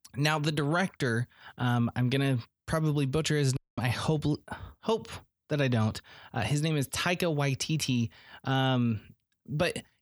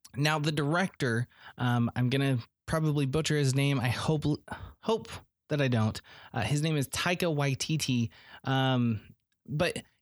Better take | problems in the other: second | audio cutting out; at 3.5 s

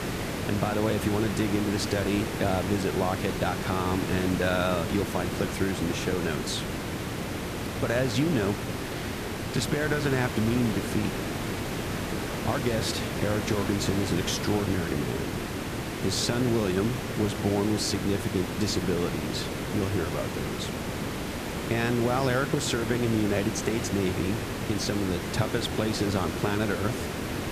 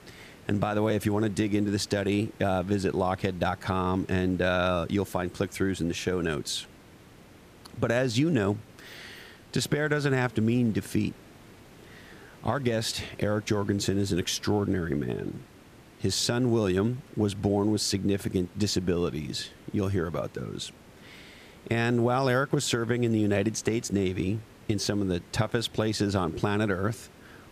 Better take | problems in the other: second | hiss; loud; throughout; 3 dB below the speech; faint in the second

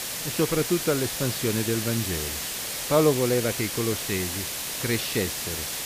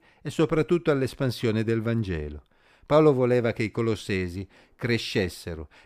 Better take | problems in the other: second | hiss; loud; throughout; 2 dB below the speech

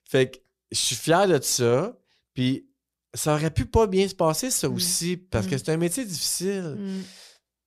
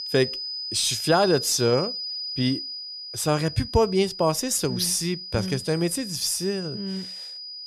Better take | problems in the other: first | high-pitched whine; loud; throughout; 5 kHz, 7 dB below the speech

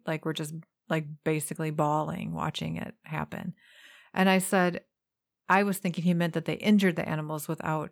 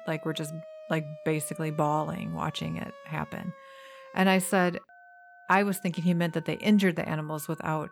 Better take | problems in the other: first | alarms or sirens; faint; throughout; 20 dB below the speech

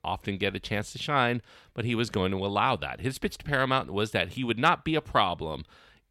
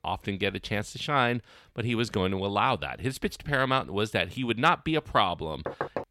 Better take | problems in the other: first | door banging; noticeable; at 5.5 s; peak 6 dB below the speech

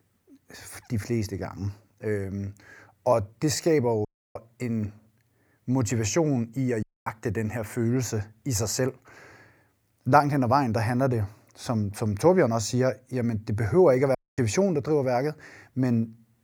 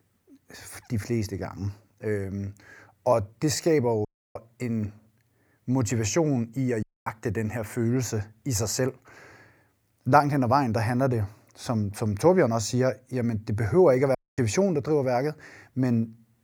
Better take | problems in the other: neither | audio cutting out; at 4 s, at 7 s and at 14 s; the same in both

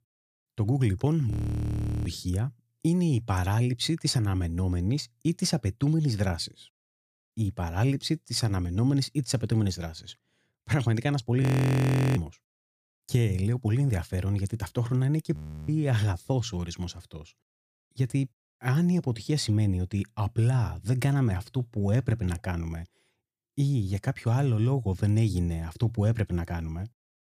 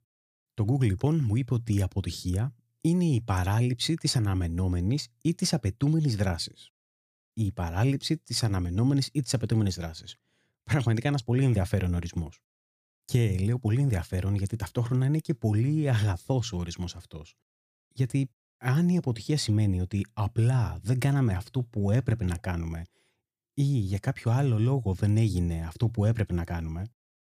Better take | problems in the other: second | audio freezing; at 1.5 s for 0.5 s, at 11 s for 0.5 s and at 15 s

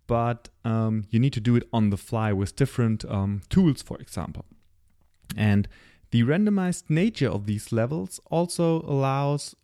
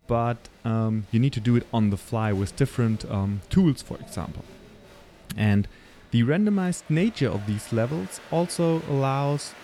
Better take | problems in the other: first | crowd noise; faint; throughout; 25 dB below the speech

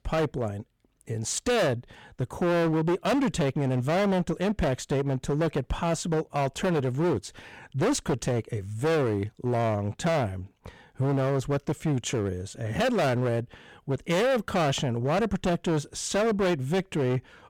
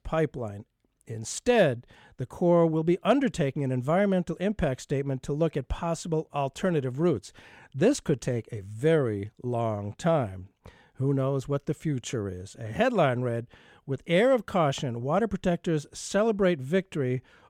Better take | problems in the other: second | distortion; heavy; 18% of the sound clipped

